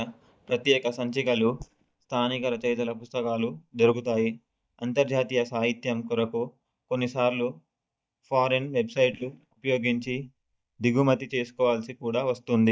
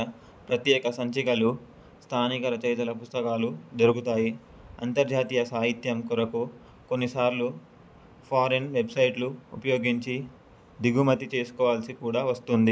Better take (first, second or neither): second